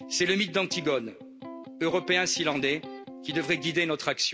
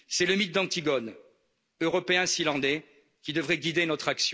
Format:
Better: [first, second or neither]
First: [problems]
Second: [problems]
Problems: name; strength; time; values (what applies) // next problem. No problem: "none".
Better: second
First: background sound (Electric guitar); 14 dB below the speech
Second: none